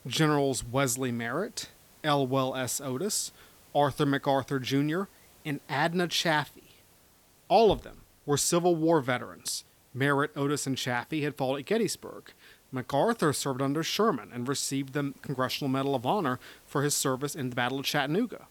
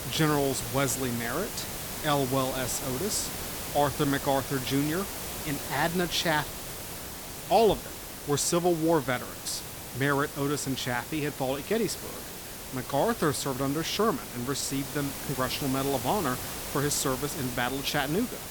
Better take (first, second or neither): first